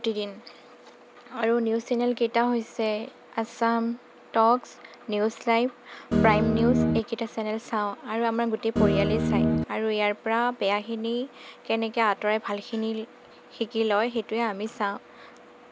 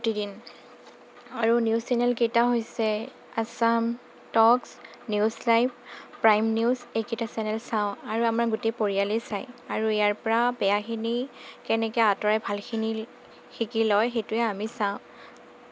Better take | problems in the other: second | background sound (Guitar); 4 dB above the speech

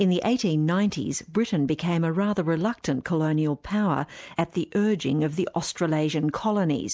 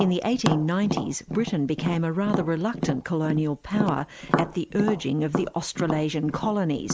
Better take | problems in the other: first | background sound (Tap); 5 dB below the speech

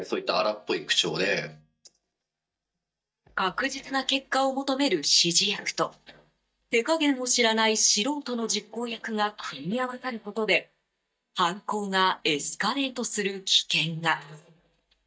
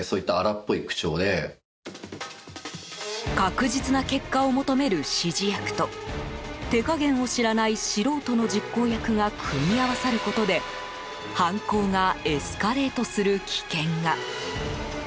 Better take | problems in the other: second | noise reduction (neural mask model DeepFilterNet 3)

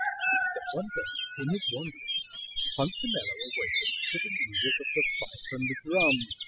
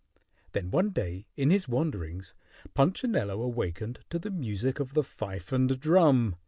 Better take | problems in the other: second | noise reduction (classical method spectral subtraction)

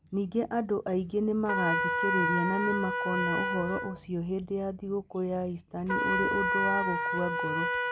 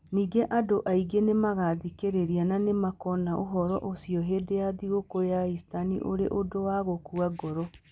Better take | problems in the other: second | background sound (Trumpet); as loud as the speech

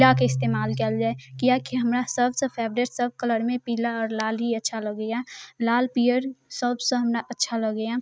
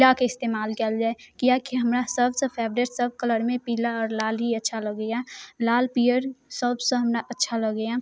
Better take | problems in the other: second | noise reduction (neural mask model RNNoise)

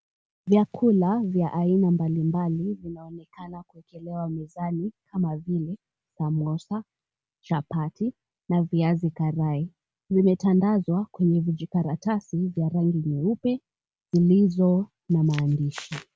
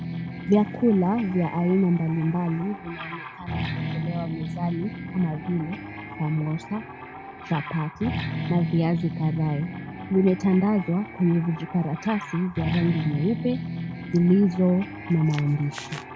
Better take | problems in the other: first | background sound (Guitar); 8 dB below the speech

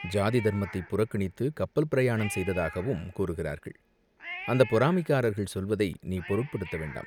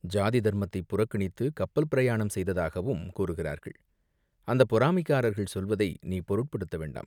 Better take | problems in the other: second | background sound (Cat); 16 dB below the speech

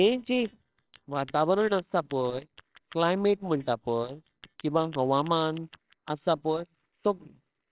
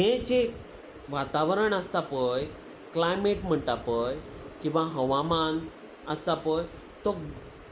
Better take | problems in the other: second | noise reduction (neural separator model SepFormer WHAMR!)

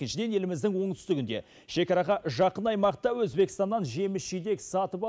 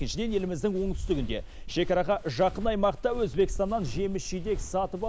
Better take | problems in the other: first | background sound (Walk, footsteps); 7 dB below the speech

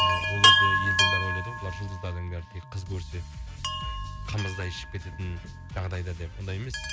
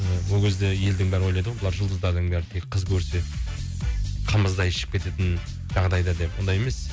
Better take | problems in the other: second | background sound (Chime); 5 dB above the speech

